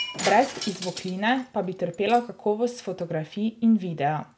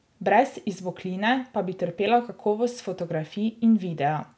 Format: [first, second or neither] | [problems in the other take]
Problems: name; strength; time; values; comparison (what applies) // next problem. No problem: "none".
second | background sound (Shatter); 13 dB below the speech